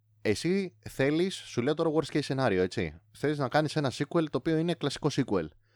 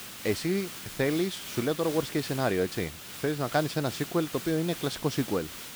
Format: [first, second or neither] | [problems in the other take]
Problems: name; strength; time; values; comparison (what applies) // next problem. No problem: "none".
first | hiss; loud; throughout; 9 dB below the speech